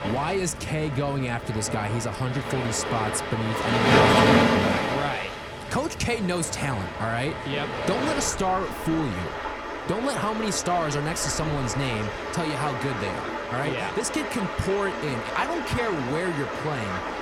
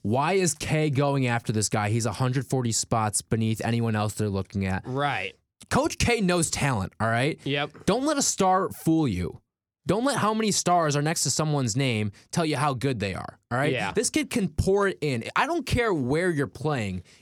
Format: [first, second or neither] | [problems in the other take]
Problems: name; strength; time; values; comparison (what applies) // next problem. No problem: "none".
second | rain or running water; very loud; throughout; 1 dB above the speech